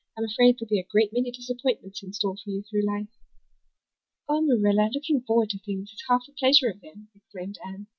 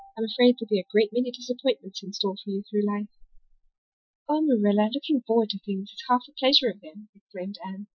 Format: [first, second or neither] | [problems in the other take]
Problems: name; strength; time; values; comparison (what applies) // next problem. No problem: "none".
first | noise reduction (classical method spectral subtraction)